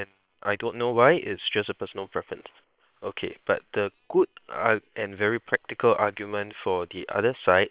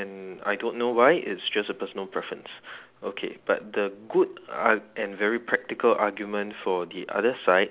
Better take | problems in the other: second | noise reduction (neural separator model SepFormer WHAM!)

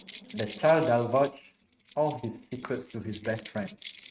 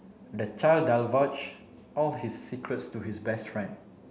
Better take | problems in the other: second | noise reduction (neural mask model RNNoise)

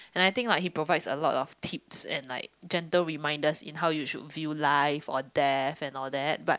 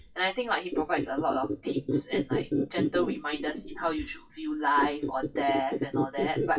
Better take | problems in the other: first | noise reduction (classical method WPE with log-MMSE)

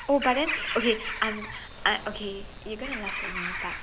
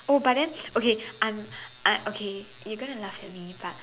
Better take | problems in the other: second | background sound (Bird vocalization, bird call, bird song / Crow); 5 dB below the speech

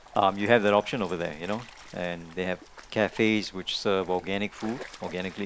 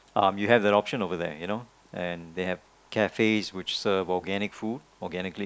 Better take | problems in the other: second | background sound (Stream); 20 dB below the speech

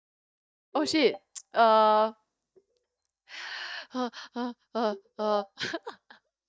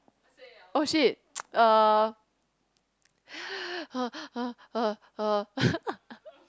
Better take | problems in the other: second | noise reduction (neural mask model DeepFilterNet 3)

